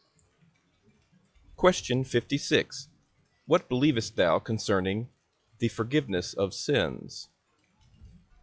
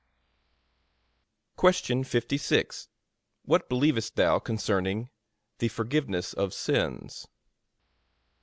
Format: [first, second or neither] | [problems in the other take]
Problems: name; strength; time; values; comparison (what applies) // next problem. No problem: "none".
second | noise reduction (classical method log-MMSE)